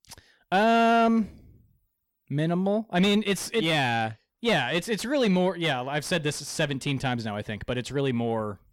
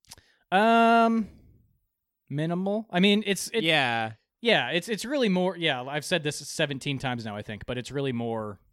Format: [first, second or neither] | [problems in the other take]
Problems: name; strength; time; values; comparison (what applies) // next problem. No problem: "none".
second | distortion; slight; 10 dB below the speech